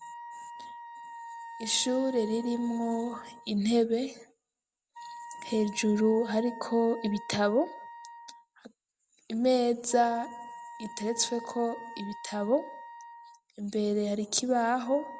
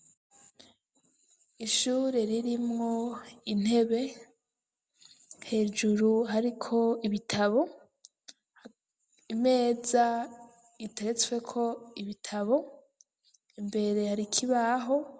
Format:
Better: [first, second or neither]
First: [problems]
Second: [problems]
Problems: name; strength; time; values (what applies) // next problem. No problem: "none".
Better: second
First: background sound (Wind instrument, woodwind instrument); 15 dB below the speech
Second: none